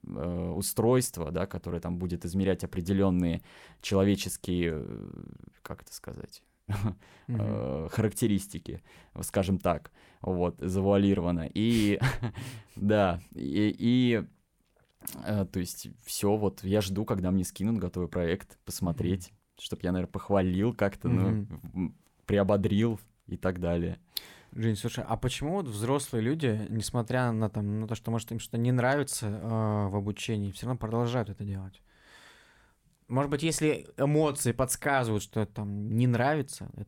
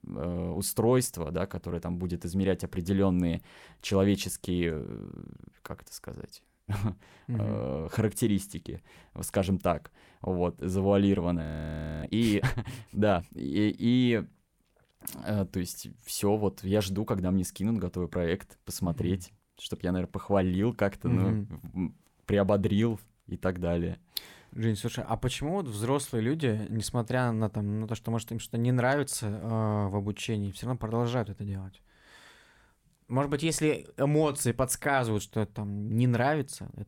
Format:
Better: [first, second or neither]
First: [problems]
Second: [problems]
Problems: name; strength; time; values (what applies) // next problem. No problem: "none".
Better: first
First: none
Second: audio freezing; at 11 s for 0.5 s